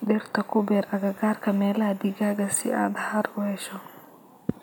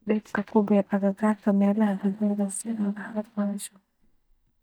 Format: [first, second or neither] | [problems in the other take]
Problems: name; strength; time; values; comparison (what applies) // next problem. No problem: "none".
first | noise reduction (neural mask model DeepFilterNet 3)